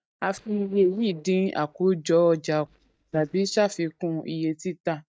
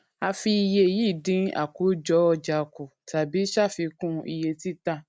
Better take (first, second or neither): second